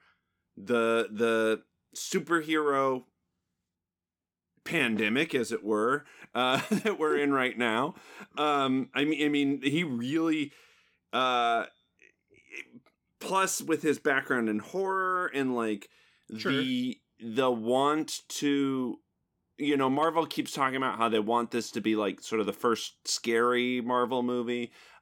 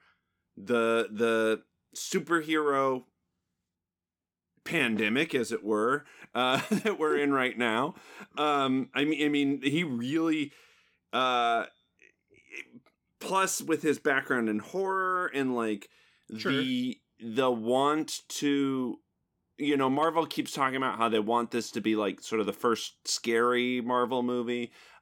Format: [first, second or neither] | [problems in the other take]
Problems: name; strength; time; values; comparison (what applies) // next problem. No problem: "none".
neither | none